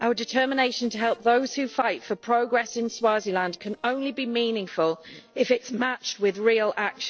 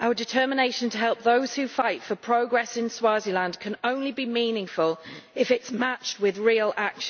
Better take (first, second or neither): second